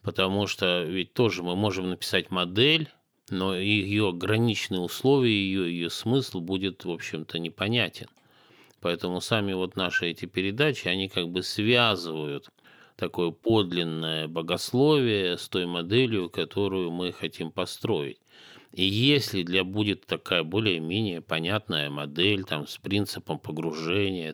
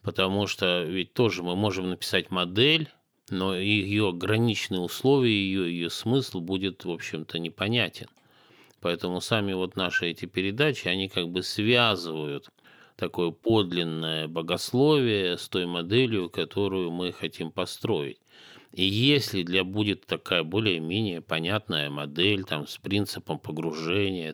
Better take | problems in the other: neither | none

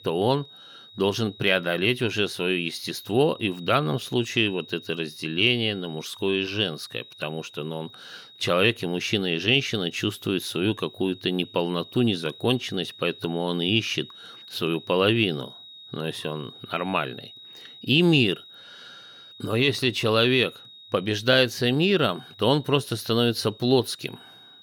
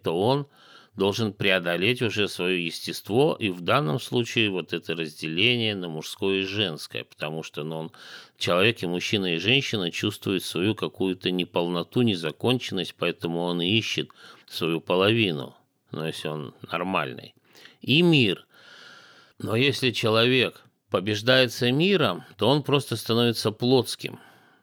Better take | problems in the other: second | high-pitched whine; noticeable; throughout; 4 kHz, 20 dB below the speech

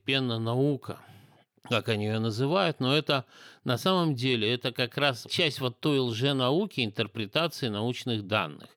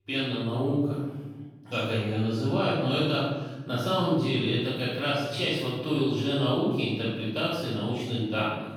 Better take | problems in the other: first | off-mic speech; far // room echo; strong; dies away in 1.2 s

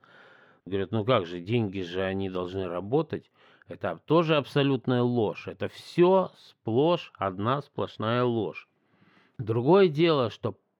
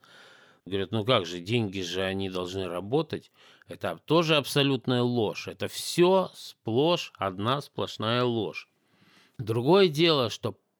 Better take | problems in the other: second | muffled; slightly; fading above 4 kHz

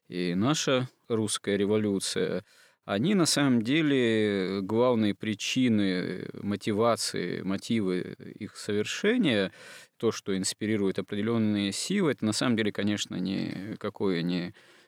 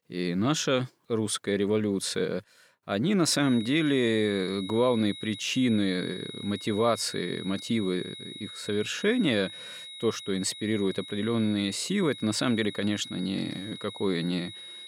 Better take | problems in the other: first | high-pitched whine; noticeable; from 3.5 s on; 4 kHz, 10 dB below the speech

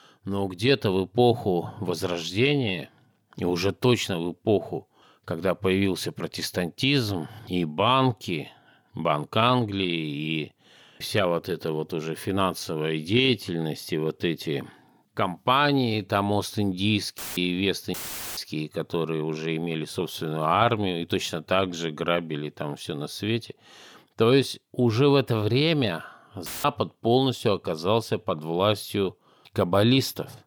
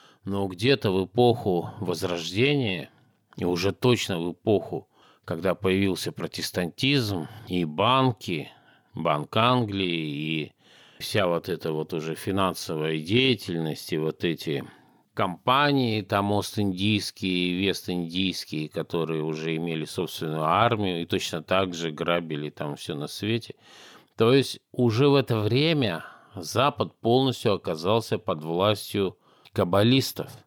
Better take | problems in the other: second | audio cutting out; filled with static; at 17 s, at 18 s and at 26 s

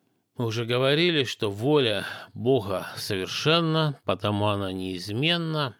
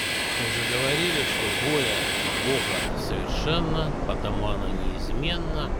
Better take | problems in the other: first | train or aircraft noise; very loud; throughout; 4 dB above the speech

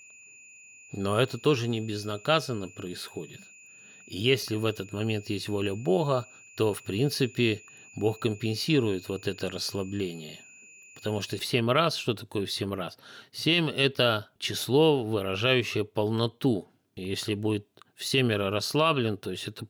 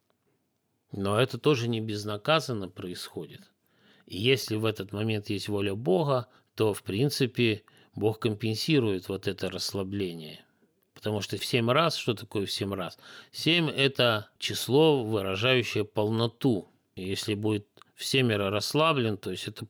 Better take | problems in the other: second | high-pitched whine; faint; until 11 s; 2.5 kHz, 20 dB below the speech

